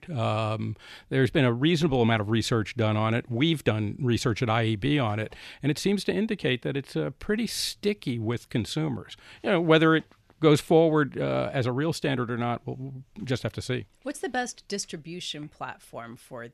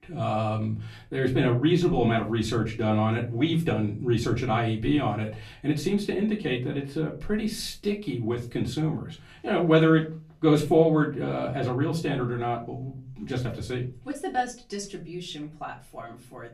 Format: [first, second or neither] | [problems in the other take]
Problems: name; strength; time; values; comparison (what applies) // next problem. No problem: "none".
first | off-mic speech; far // room echo; very slight; dies away in 0.4 s